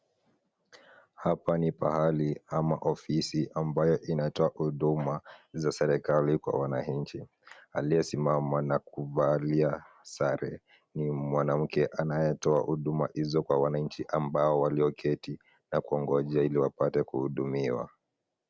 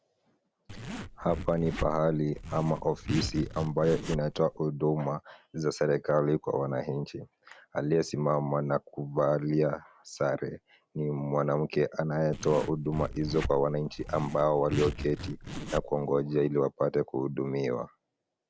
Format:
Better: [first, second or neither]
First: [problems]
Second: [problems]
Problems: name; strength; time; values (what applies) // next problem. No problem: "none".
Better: first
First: none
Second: background sound (Zipper (clothing)); 9 dB below the speech